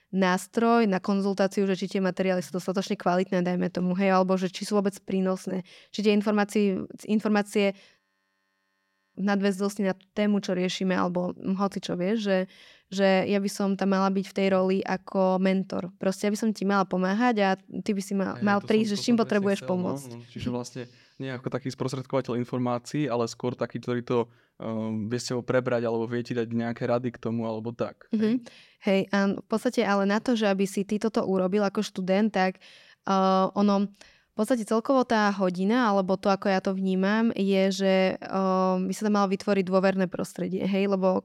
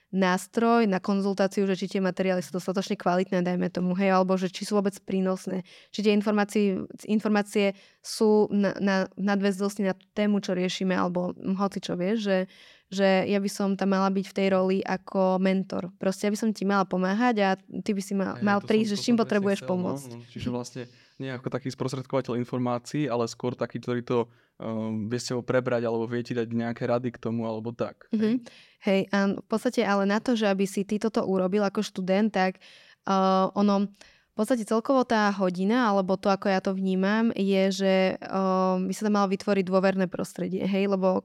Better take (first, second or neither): second